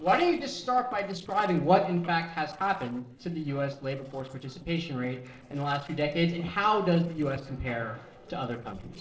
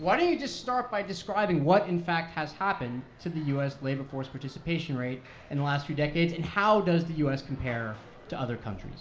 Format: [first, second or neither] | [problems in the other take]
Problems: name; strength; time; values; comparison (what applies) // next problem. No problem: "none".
second | noise reduction (neural separator model SepFormer DNS4)